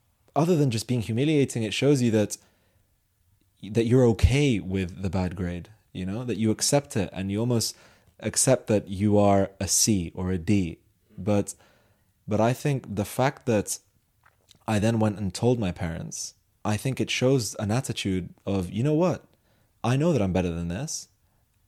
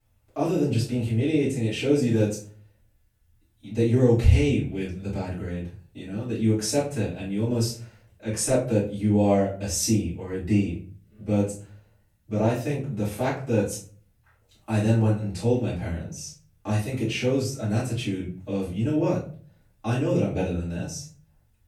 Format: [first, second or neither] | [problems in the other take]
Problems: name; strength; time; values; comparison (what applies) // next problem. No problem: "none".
first | off-mic speech; far // room echo; slight; dies away in 0.4 s